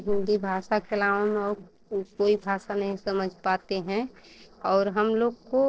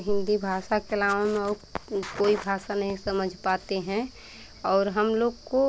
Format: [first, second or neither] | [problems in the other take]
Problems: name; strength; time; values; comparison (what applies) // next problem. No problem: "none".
second | noise reduction (neural separator model SepFormer DNS4)